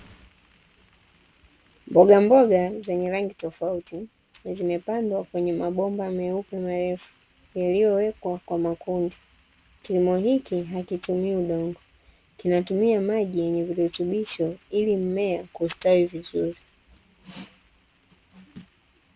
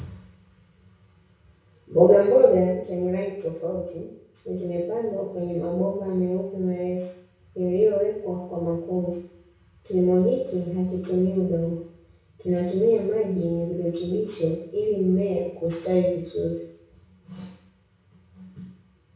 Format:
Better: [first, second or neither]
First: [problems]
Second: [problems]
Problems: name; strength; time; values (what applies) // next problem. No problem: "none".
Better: first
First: none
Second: room echo; dies away in 0.6 s